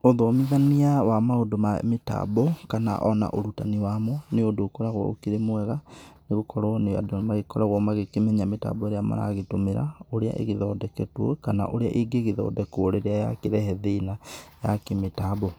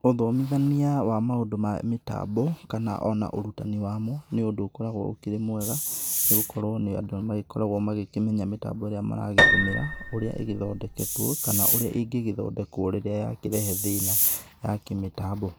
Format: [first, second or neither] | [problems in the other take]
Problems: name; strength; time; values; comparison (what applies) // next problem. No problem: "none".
first | background sound (Piano + Hiss); 2 dB above the speech